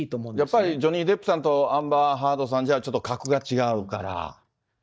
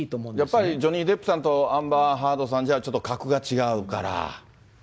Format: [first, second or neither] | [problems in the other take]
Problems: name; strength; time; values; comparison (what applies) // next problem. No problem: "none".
second | noise reduction (neural mask model DeepFilterNet 3)